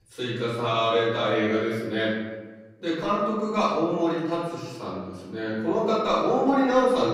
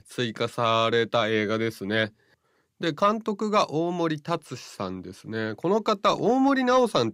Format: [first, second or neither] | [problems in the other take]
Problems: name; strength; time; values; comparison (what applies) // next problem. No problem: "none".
second | off-mic speech; far // room echo; noticeable; dies away in 1.2 s